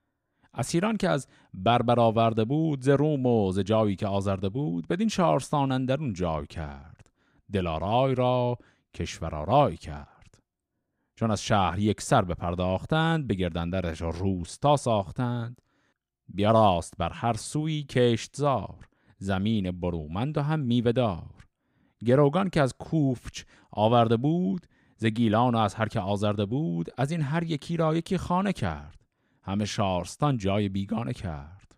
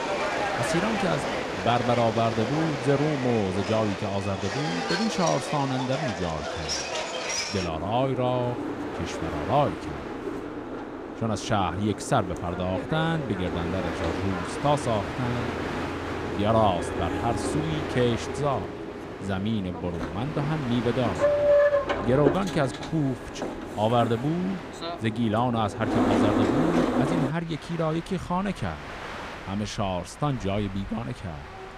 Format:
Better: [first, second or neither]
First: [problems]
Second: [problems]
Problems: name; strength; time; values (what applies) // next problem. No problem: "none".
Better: first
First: none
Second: train or aircraft noise; loud; throughout; 2 dB below the speech